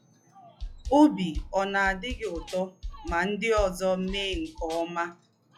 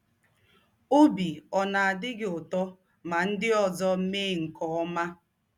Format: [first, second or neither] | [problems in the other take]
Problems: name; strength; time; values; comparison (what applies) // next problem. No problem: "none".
second | noise reduction (classical method log-MMSE)